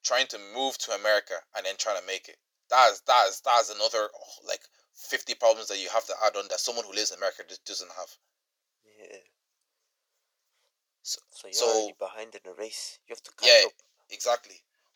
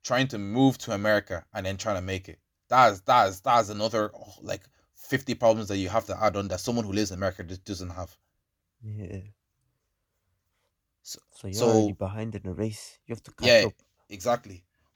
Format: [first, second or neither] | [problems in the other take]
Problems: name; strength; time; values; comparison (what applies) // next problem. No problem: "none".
second | thin; very; fading below 500 Hz